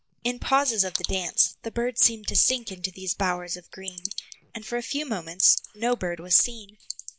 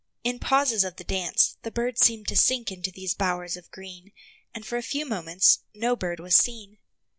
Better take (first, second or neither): second